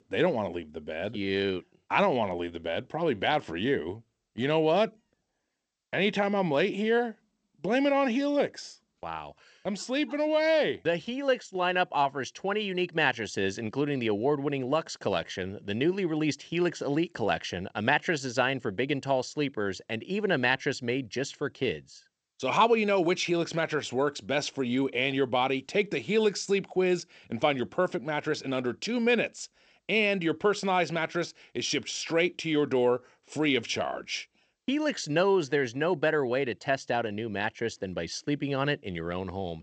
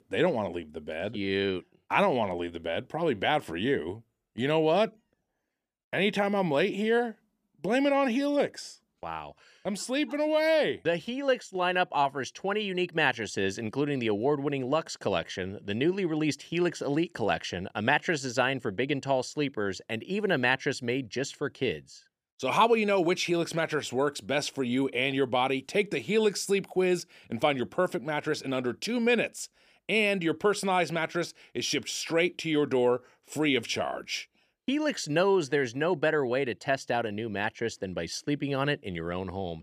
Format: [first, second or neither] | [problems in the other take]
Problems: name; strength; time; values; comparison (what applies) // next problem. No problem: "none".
second | garbled, watery; slightly; nothing above 8 kHz